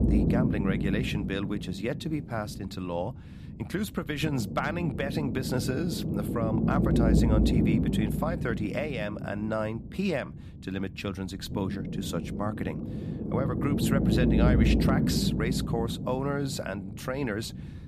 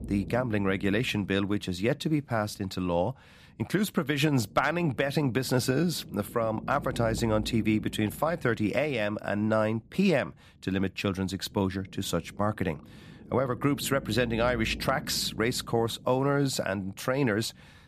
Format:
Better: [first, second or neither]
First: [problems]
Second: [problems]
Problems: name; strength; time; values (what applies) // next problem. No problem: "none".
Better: second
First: low rumble; loud; throughout; 2 dB below the speech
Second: low rumble; faint; throughout; 20 dB below the speech